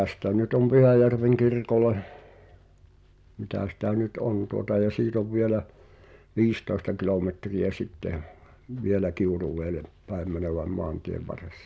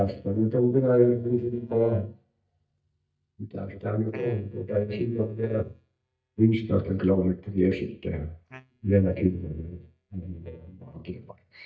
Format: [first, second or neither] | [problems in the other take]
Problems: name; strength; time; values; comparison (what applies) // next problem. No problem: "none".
first | noise reduction (neural mask model DeepFilterNet 3)